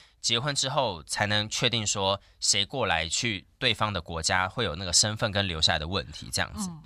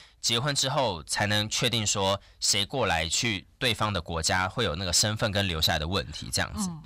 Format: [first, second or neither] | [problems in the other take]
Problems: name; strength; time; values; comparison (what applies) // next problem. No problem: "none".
first | distortion; slight; 10 dB below the speech